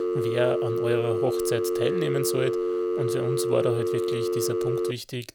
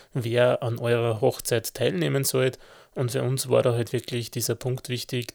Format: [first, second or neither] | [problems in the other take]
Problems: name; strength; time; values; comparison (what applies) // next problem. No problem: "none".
second | phone ringing; loud; peak 3 dB above the speech